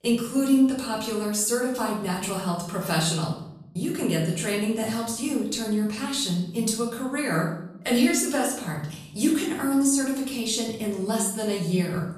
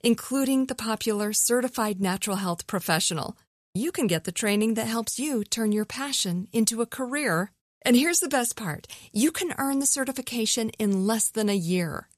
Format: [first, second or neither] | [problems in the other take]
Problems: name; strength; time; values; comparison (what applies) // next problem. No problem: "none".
second | off-mic speech; far // room echo; noticeable; dies away in 0.7 s